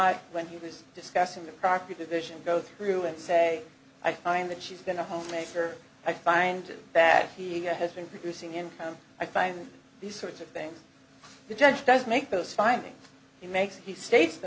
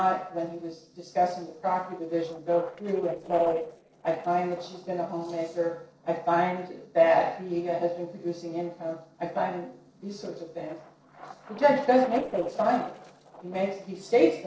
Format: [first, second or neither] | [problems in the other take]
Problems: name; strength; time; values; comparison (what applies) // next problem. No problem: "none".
first | noise reduction (neural separator model SepFormer DNS4)